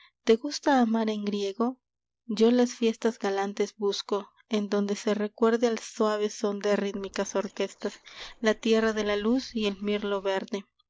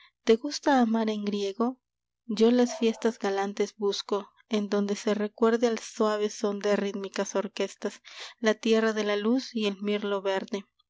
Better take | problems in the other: second | noise reduction (neural mask model Resemble Enhance denoiser)

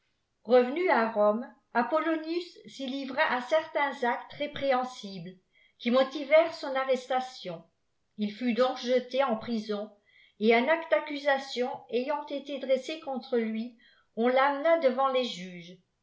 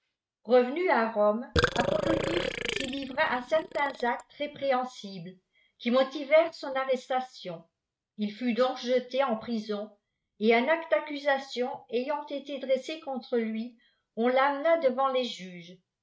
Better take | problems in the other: first | noise reduction (neural mask model RNNoise)

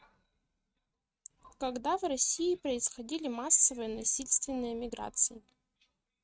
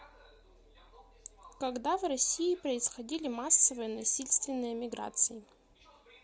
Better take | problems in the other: second | noise reduction (neural mask model RNNoise)

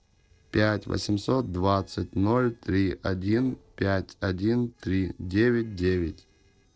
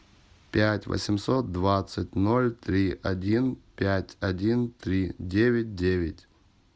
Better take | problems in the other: second | noise reduction (neural separator model SepFormer DNS4)

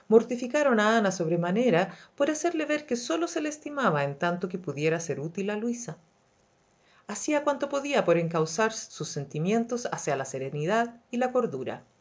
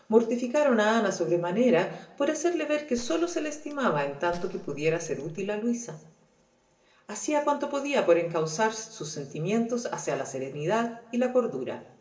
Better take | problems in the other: first | background sound (Gunshot, gunfire); 16 dB below the speech // room echo; dies away in 0.8 s

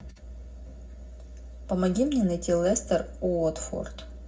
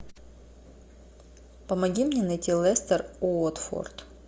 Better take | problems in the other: second | room echo; dies away in 0.3 s

